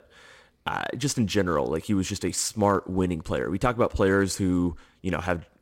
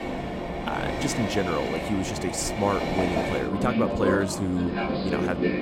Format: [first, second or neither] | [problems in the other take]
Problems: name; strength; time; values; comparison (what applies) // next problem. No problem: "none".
first | train or aircraft noise; very loud; throughout; as loud as the speech